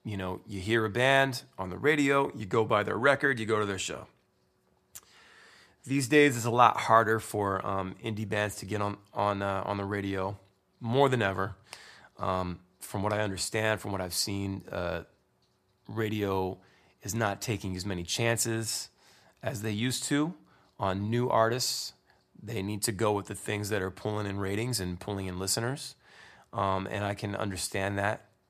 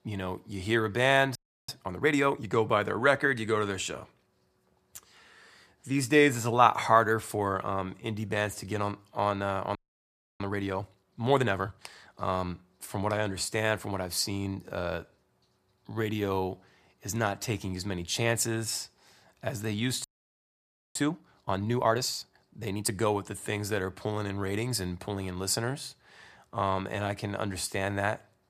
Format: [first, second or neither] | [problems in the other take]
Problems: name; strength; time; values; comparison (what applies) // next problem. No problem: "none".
first | audio freezing; at 1.5 s, at 10 s for 0.5 s and at 20 s for 1 s